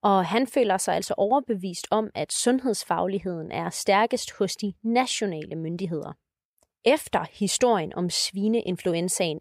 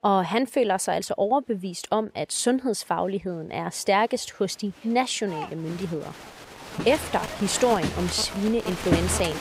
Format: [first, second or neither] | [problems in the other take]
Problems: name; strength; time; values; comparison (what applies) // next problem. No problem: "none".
first | crowd noise; loud; throughout; 6 dB below the speech